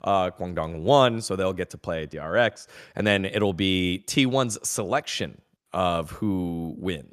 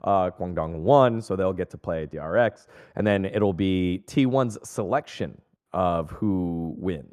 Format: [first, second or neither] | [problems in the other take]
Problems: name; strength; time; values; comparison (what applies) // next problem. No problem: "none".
first | muffled; slightly; fading above 2 kHz